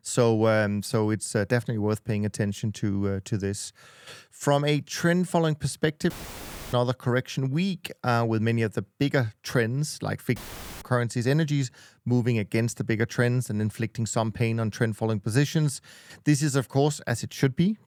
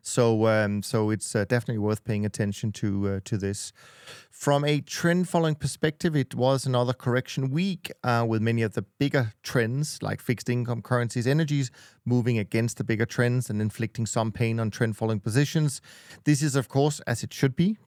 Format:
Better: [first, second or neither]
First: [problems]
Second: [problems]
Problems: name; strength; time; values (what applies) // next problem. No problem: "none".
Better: second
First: audio cutting out; filled with static; at 6 s for 0.5 s and at 10 s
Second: none